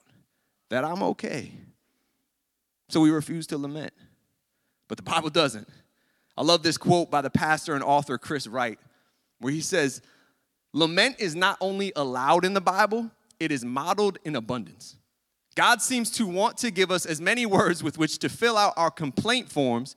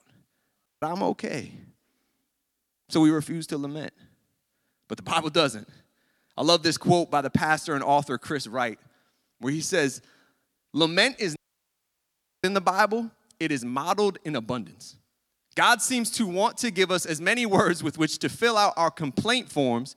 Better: first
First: none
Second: audio cutting out; at 0.5 s and at 11 s for 1 s

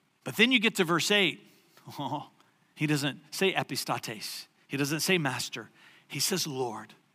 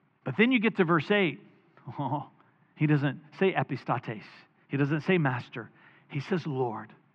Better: first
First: none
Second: muffled; very; fading above 2 kHz

